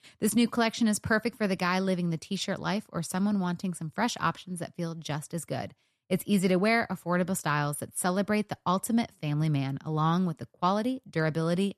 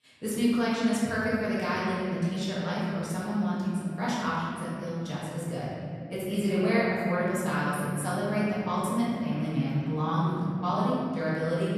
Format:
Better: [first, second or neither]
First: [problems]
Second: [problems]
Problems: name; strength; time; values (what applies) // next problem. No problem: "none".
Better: first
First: none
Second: off-mic speech; far // room echo; strong; dies away in 2.9 s